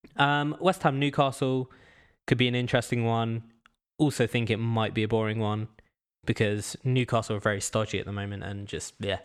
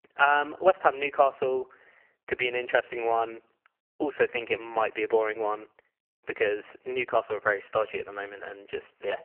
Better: first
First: none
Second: phone-call audio; poor line; nothing above 3 kHz

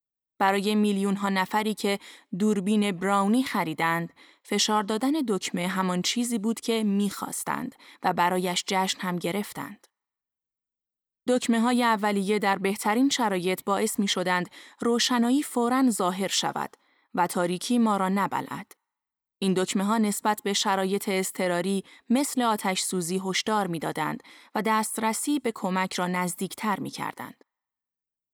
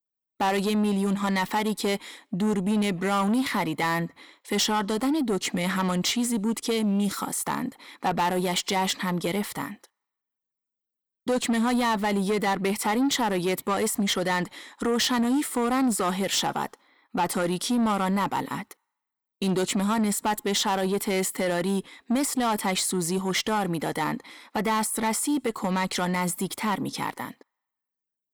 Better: first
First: none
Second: distortion; slight; 10 dB below the speech

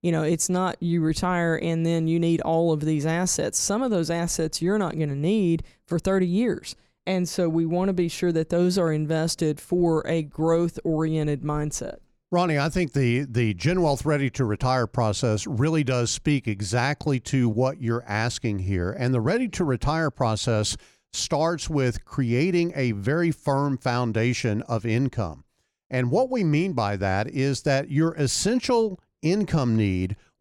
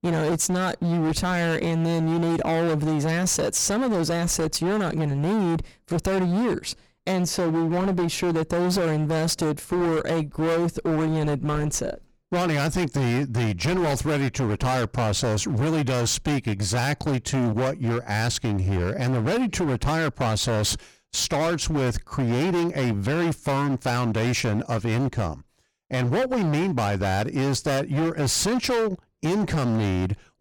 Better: first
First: none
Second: distortion; heavy; 31% of the sound clipped

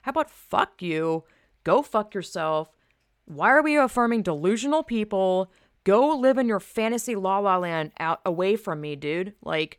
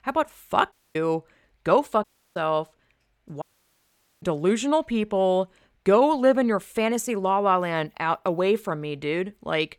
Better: first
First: none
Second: audio cutting out; at 0.5 s, at 2 s and at 3.5 s for 1 s

